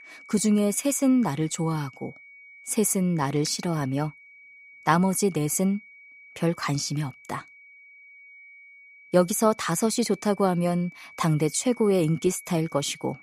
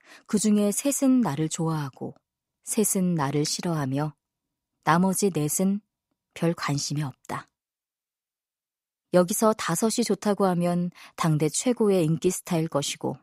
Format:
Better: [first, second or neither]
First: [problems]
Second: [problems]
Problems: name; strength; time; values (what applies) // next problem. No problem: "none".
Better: second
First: high-pitched whine; faint; throughout; 2.5 kHz, 20 dB below the speech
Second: none